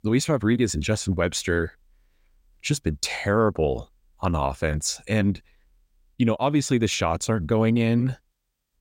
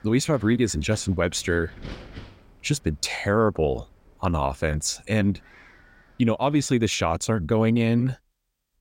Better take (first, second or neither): first